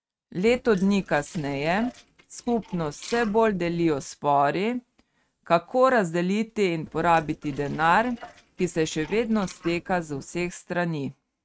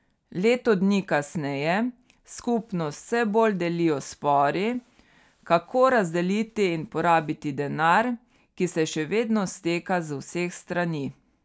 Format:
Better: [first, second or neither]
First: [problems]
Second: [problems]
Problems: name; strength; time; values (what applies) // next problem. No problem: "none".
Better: second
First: noise reduction (neural mask model RNNoise)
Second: none